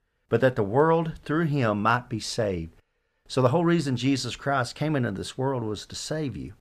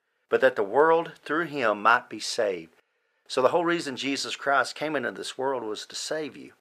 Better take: first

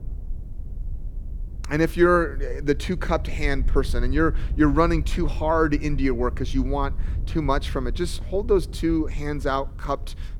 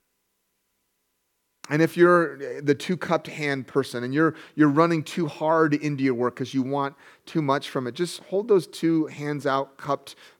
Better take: second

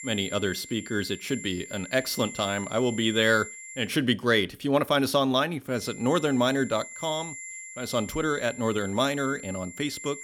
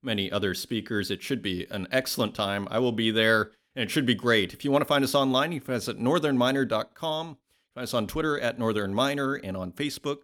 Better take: second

